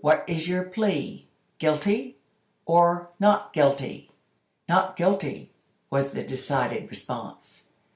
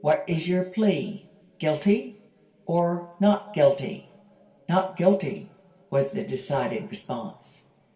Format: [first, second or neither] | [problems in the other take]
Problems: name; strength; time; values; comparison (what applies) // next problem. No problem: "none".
first | room echo; dies away in 2.3 s